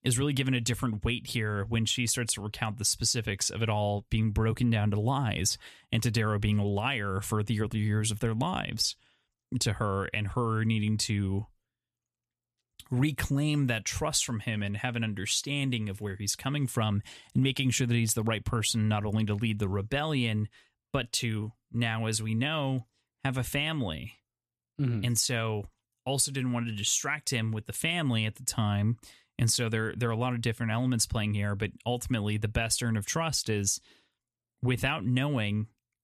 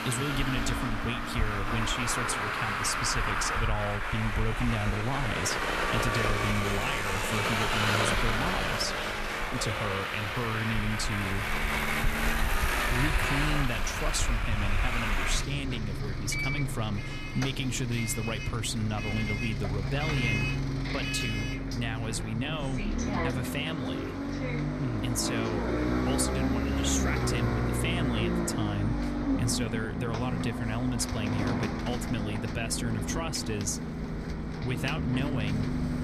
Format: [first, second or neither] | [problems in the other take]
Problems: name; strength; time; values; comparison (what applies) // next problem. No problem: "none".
first | traffic noise; very loud; throughout; 2 dB above the speech